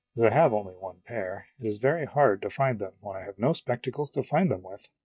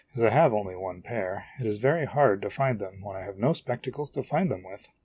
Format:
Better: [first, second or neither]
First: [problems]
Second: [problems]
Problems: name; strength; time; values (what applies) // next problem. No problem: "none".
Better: second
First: noise reduction (neural mask model DeepFilterNet 3)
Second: none